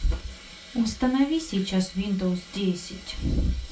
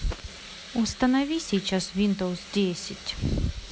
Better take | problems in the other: second | room echo; dies away in 0.2 s

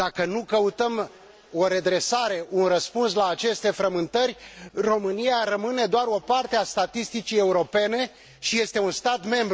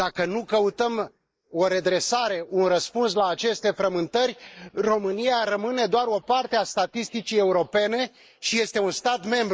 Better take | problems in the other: first | noise reduction (neural mask model Resemble Enhance denoiser)

